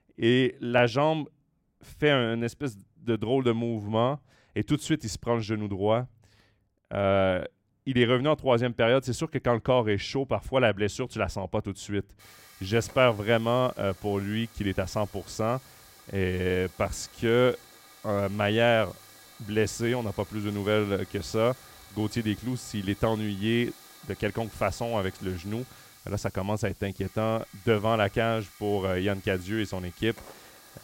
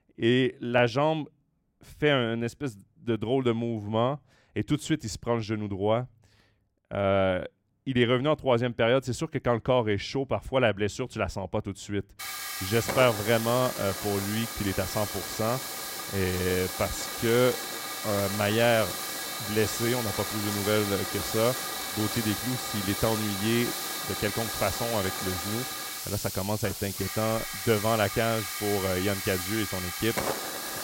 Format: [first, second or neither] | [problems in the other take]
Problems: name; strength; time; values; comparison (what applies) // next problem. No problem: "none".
first | hiss; loud; from 12 s on; 4 dB below the speech; faint in the first